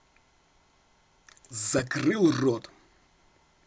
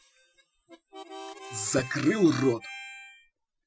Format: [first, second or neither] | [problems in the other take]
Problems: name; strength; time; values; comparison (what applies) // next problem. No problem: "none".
first | noise reduction (classical method Wiener filter)